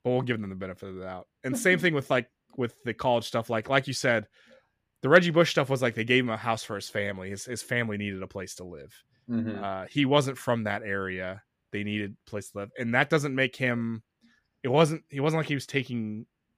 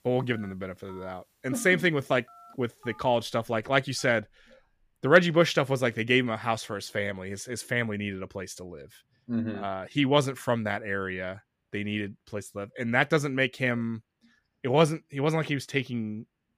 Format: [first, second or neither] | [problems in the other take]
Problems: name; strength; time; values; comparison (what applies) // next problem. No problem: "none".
first | alarms or sirens; faint; until 5 s; 25 dB below the speech